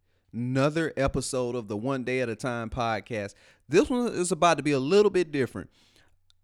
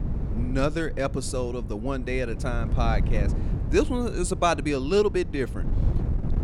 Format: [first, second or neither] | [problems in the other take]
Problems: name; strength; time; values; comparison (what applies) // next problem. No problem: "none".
first | wind noise on the microphone; occasional gusts; 15 dB below the speech